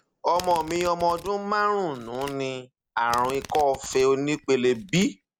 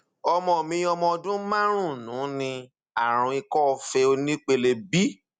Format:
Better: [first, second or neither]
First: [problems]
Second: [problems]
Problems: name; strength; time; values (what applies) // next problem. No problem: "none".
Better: second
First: background sound (Domestic sounds, home sounds); 18 dB below the speech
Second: none